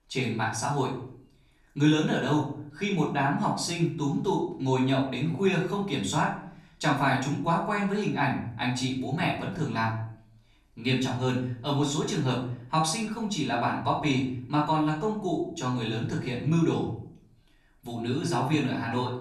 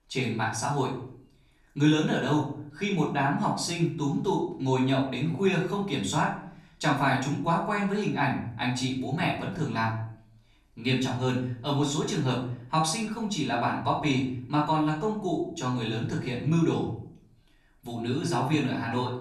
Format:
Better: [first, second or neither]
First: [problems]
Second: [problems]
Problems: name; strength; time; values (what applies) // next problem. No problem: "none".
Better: neither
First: off-mic speech; far // room echo; slight; dies away in 0.5 s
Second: off-mic speech; far // room echo; slight; dies away in 0.5 s